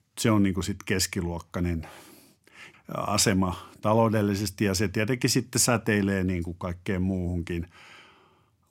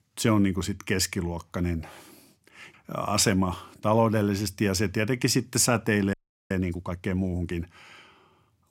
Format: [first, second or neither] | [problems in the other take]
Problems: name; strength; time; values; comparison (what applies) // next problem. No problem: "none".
first | audio freezing; at 6 s